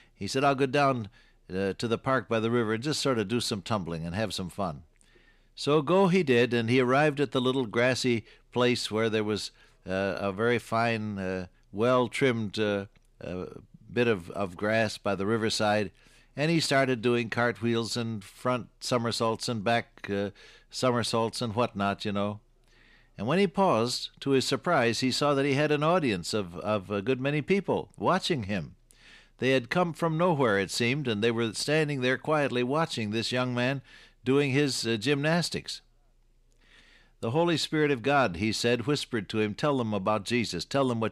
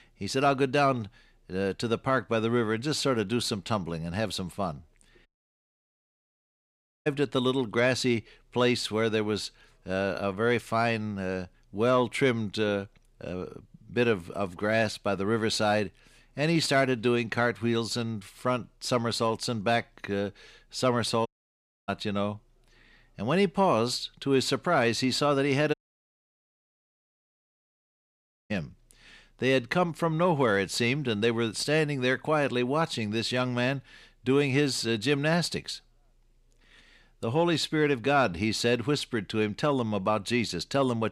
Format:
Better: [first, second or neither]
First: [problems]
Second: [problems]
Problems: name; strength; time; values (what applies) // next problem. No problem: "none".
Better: first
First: none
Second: audio cutting out; at 5.5 s for 2 s, at 21 s for 0.5 s and at 26 s for 3 s